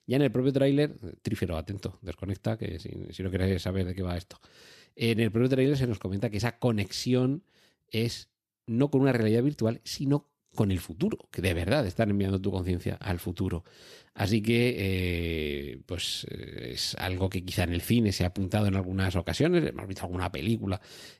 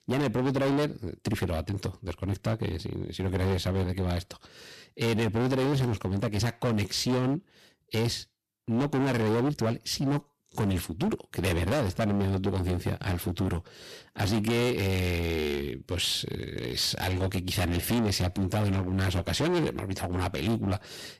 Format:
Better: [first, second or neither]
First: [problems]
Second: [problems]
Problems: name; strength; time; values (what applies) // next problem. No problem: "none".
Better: first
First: none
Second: distortion; heavy; 19% of the sound clipped